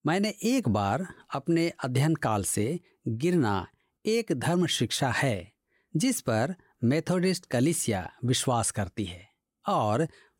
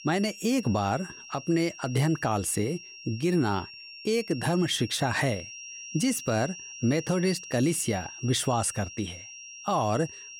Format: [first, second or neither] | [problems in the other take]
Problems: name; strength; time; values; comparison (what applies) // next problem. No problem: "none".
first | high-pitched whine; noticeable; throughout; 5.5 kHz, 15 dB below the speech